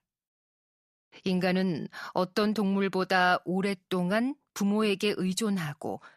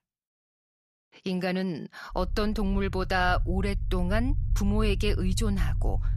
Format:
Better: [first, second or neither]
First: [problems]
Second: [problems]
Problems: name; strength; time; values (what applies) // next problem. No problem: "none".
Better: first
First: none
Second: low rumble; noticeable; from 2 s on; 20 dB below the speech